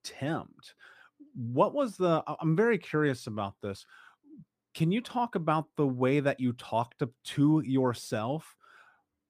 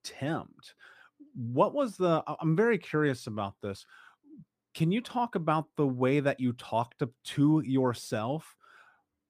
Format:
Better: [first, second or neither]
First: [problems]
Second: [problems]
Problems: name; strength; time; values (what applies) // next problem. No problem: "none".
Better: neither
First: none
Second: none